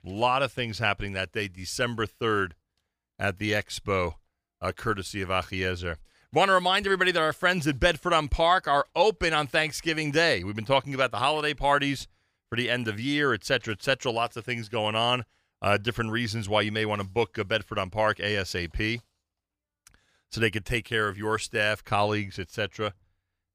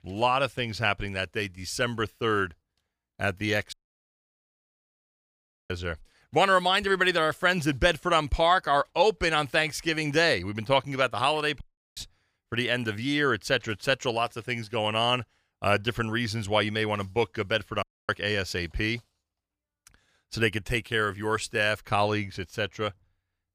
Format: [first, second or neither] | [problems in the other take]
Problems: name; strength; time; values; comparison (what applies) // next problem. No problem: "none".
first | audio cutting out; at 3.5 s for 2 s, at 12 s and at 18 s